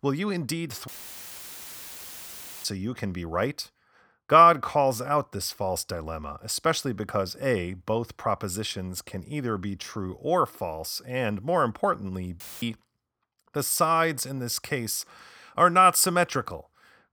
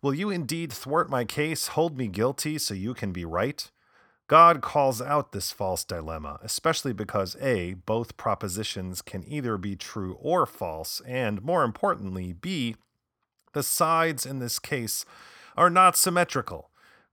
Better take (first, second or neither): second